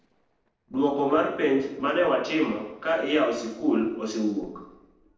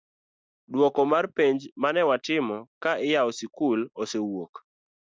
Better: second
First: noise reduction (neural separator model SepFormer DNS4)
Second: none

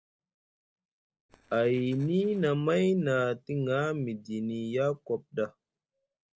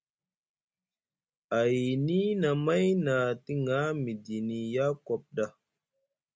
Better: second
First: noise reduction (neural separator model SepFormer DNS4)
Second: none

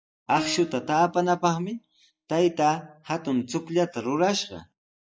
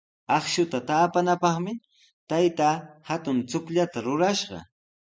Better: second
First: noise reduction (classical method log-MMSE)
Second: none

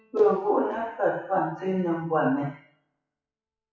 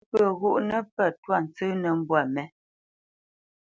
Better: second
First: noise reduction (classical method WPE with log-MMSE)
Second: none

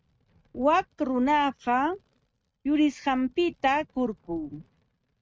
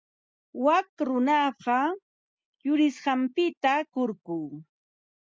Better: second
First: noise reduction (neural mask model RNNoise)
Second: none

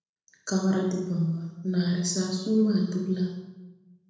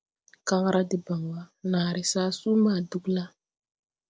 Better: second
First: room echo; dies away in 1 s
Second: none

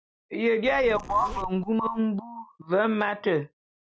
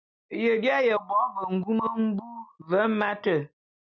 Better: second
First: background sound (Zipper (clothing)); 14 dB below the speech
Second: none

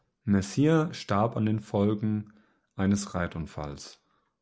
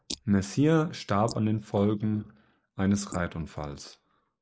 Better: first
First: none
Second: noise reduction (neural mask model Resemble Enhance denoiser)

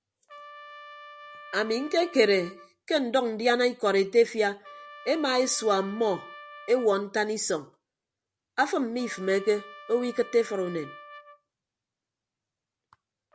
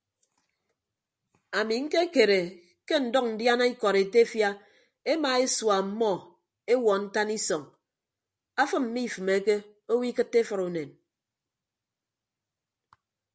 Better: second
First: background sound (Trumpet); 20 dB below the speech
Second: none

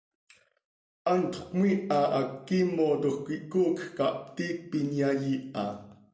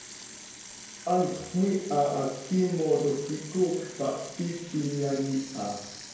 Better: first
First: none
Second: background sound (Sink (filling or washing) / Water tap, faucet); 15 dB below the speech // room echo; dies away in 0.6 s

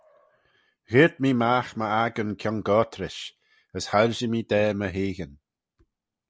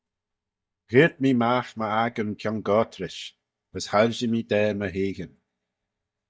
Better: first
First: none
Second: noise reduction (neural mask model DeepFilterNet 3)

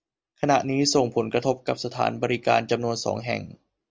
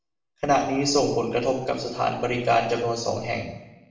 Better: first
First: none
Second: room echo; dies away in 0.8 s

